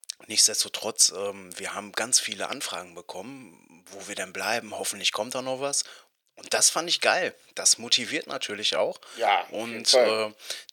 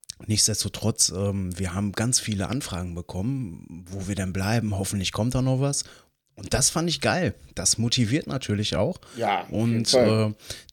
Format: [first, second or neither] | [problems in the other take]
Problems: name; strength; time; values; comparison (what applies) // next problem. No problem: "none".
second | thin; very; fading below 600 Hz